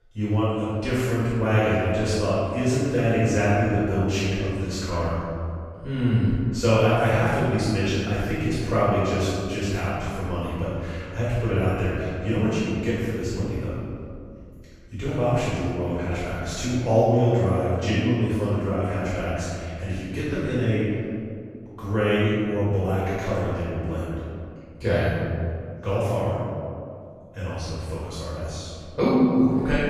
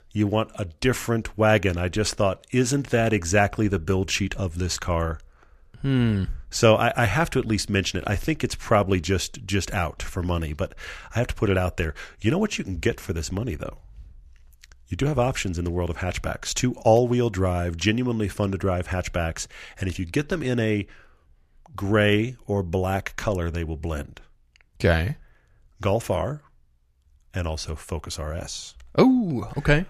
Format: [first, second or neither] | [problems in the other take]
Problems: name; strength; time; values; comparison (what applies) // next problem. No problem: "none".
second | off-mic speech; far // room echo; strong; dies away in 2.2 s